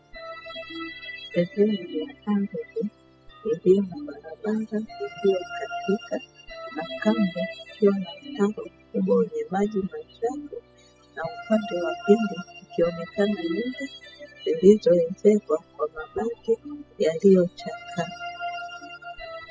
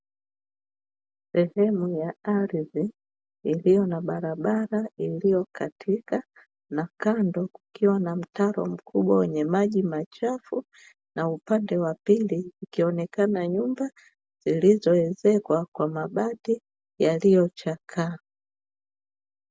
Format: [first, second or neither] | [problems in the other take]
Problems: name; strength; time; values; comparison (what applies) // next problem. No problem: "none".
second | noise reduction (classical method spectral subtraction)